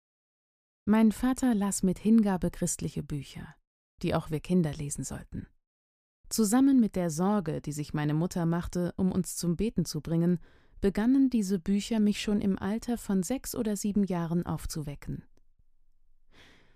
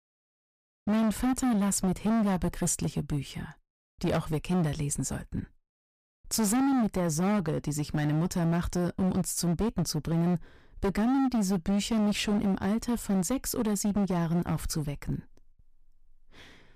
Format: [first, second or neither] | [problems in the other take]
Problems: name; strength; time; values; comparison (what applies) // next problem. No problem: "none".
first | distortion; heavy; 19% of the sound clipped